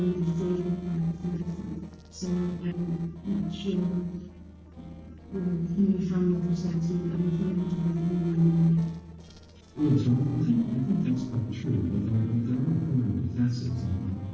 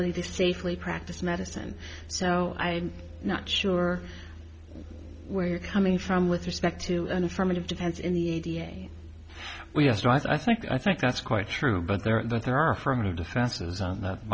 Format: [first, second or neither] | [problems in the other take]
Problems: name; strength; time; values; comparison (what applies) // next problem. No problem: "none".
second | noise reduction (neural separator model SepFormer DNS4)